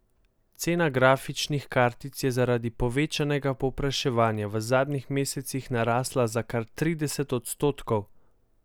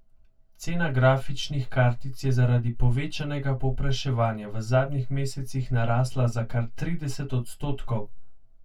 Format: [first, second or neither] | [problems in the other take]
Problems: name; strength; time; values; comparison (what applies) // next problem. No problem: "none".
first | room echo; dies away in 0.1 s